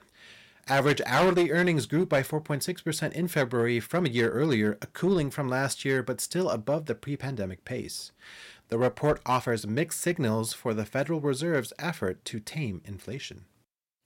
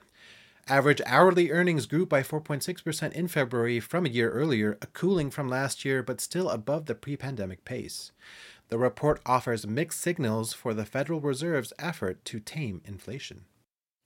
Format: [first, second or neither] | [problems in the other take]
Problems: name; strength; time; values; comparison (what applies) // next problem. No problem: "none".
second | distortion; slight; 3% of the sound clipped